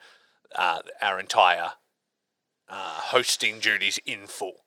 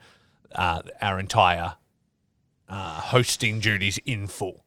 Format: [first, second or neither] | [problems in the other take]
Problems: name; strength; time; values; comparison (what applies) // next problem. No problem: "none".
second | thin; very; fading below 500 Hz